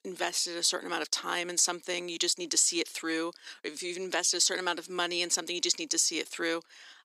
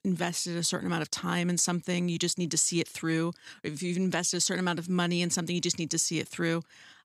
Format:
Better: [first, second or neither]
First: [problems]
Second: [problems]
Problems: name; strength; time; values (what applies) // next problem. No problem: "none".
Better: second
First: thin; very; fading below 350 Hz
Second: none